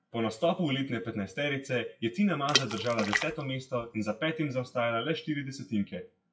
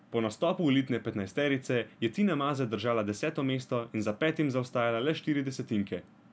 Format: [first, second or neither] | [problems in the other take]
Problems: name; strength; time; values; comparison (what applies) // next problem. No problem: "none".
second | noise reduction (classical method WPE with log-MMSE)